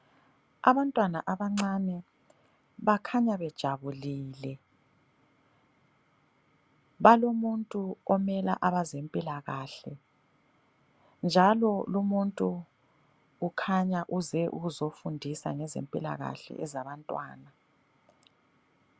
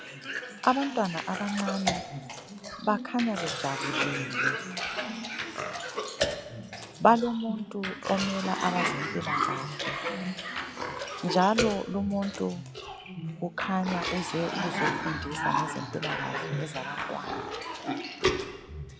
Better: first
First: none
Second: background sound (Cough); 1 dB below the speech

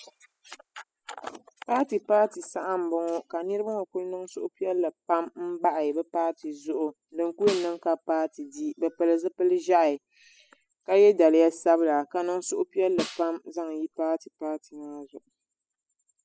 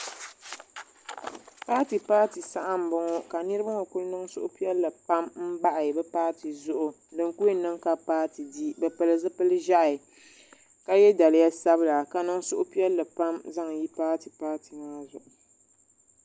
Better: second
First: noise reduction (classical method spectral subtraction)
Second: none

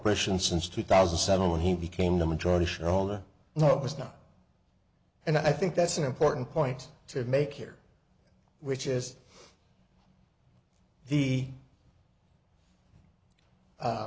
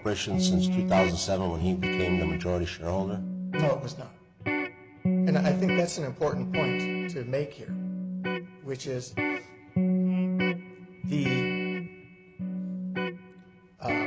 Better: first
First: none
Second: background sound (Electric guitar); 2 dB above the speech

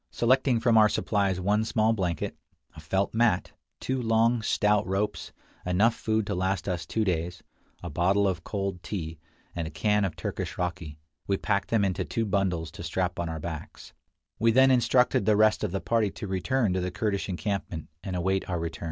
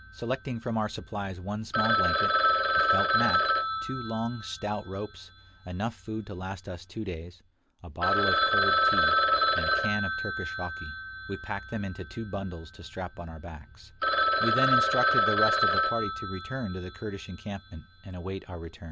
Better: first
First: none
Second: background sound (Telephone); 5 dB above the speech

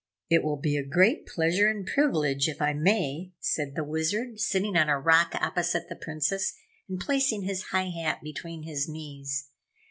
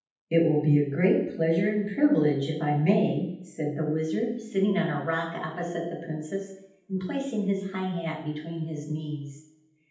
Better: first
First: none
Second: room echo; dies away in 0.8 s

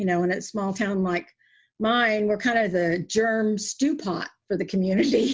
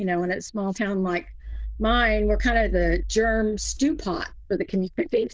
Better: first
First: none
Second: noise reduction (neural diffusion model UNIVERSE++)

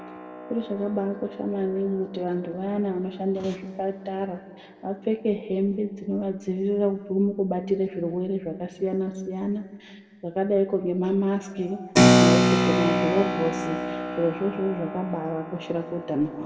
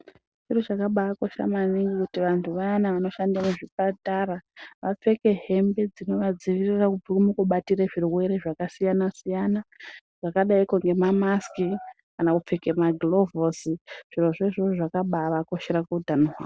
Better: second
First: background sound (Keyboard (musical)); 1 dB below the speech // room echo; dies away in 1.3 s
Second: none

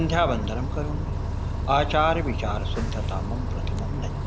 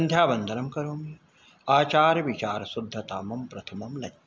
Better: second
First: background sound (Bus); 1 dB above the speech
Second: none

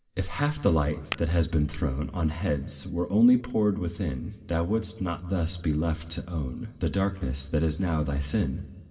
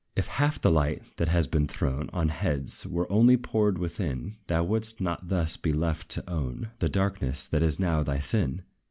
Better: second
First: background sound (Tap / Glass); 13 dB below the speech // room echo; dies away in 1.4 s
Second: none

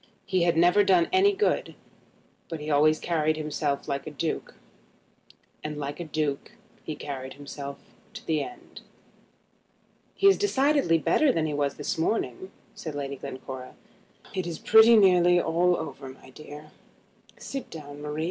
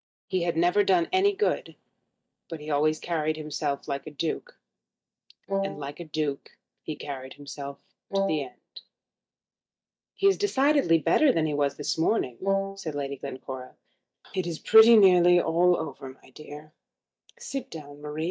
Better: first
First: none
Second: noise reduction (neural mask model DeepFilterNet 3)

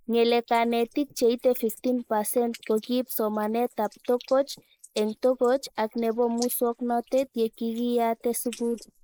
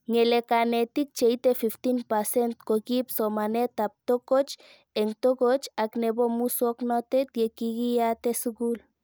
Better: second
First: noise reduction (neural mask model Resemble Enhance denoiser)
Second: none

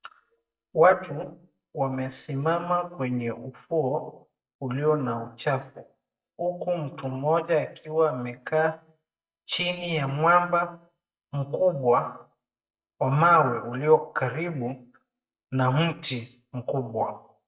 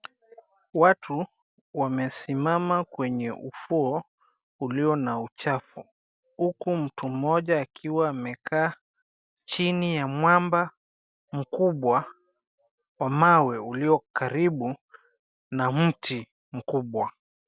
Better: second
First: noise reduction (neural mask model DeepFilterNet 3)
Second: none

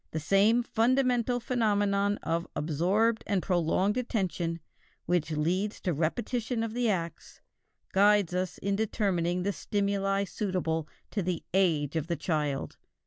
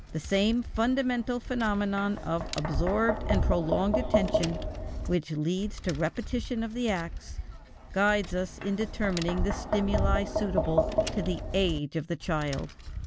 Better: first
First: none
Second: background sound (Tap); 3 dB below the speech

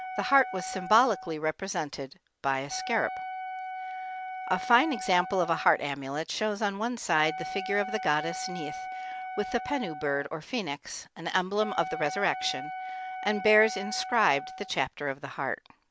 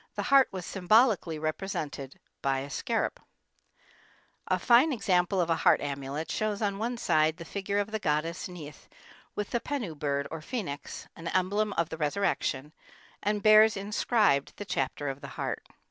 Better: second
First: background sound (Wind instrument, woodwind instrument); 9 dB below the speech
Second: none

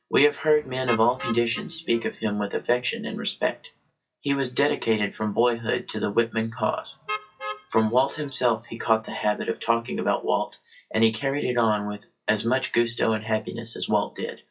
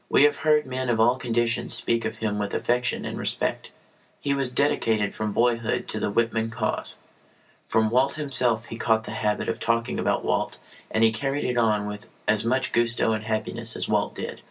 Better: second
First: noise reduction (classical method log-MMSE)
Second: none

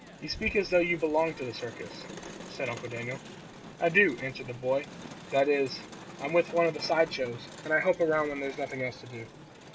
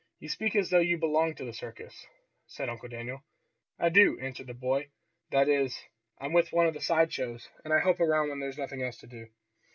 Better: second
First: background sound (Crowd); 15 dB below the speech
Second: none

